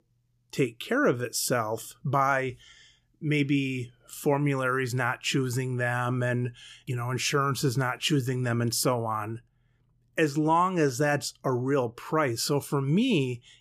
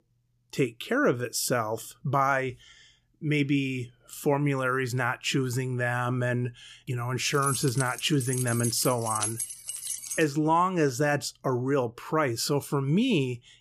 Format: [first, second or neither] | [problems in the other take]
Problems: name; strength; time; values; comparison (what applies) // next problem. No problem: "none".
first | jangling keys; noticeable; from 7.5 to 10 s; peak 2 dB below the speech